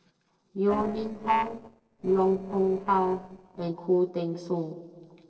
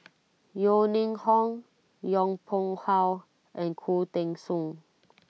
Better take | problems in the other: second | noise reduction (neural separator model SepFormer DNS4)

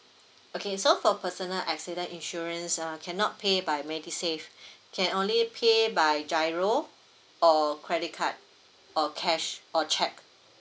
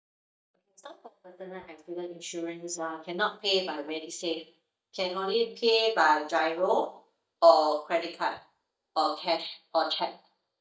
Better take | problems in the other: first | noise reduction (neural mask model DeepFilterNet 3)

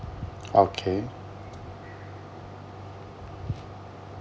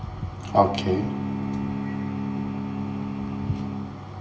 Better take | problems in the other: first | background sound (Bowed string instrument); 2 dB below the speech // room echo; dies away in 0.8 s

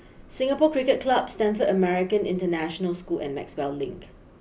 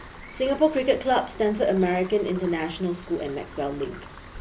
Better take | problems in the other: first | background sound (Rain); 18 dB below the speech

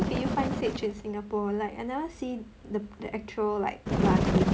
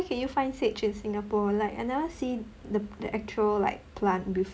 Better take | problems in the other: second | background sound (Bird); 1 dB above the speech

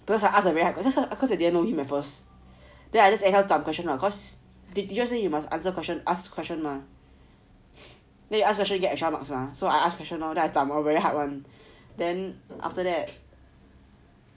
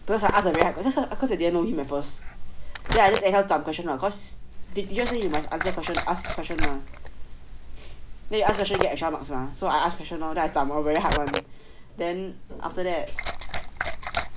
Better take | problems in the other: first | background sound (Liquid); 2 dB below the speech

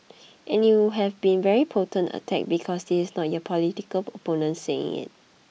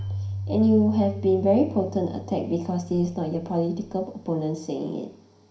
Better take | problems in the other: first | background sound (Keyboard (musical)); 11 dB below the speech // room echo; dies away in 0.5 s

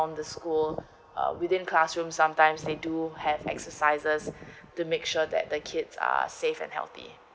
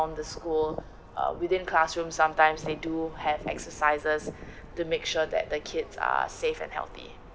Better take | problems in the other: first | background sound (Subway, metro, underground); 17 dB below the speech

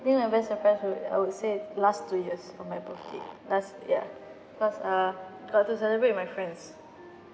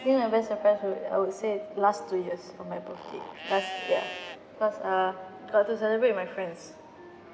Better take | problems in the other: first | background sound (Livestock, farm animals, working animals); 17 dB below the speech

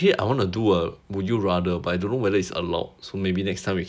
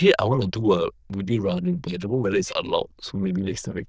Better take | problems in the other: first | noise reduction (neural diffusion model UNIVERSE++)

